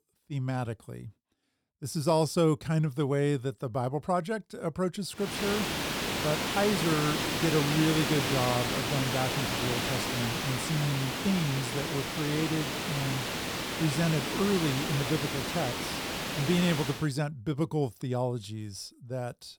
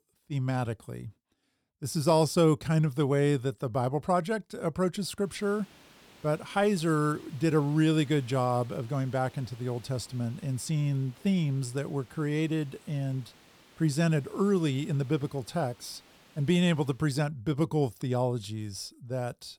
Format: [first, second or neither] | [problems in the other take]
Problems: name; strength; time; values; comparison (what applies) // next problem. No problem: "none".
second | hiss; loud; from 5.5 to 17 s; as loud as the speech; faint in the second